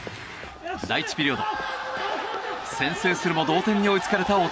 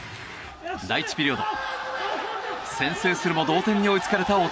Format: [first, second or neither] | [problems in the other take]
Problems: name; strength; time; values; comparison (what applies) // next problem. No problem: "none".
second | background sound (Run); 20 dB below the speech